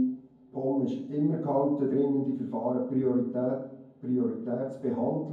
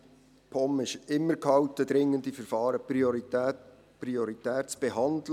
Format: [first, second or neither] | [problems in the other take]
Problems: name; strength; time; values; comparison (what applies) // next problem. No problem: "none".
second | room echo; dies away in 0.9 s